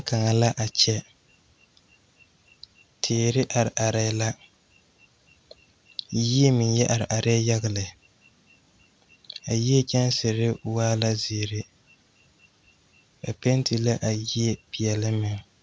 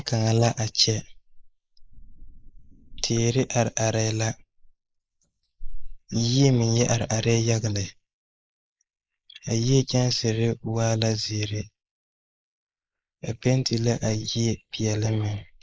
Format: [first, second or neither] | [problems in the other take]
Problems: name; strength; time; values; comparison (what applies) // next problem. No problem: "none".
first | noise reduction (neural mask model Resemble Enhance denoiser)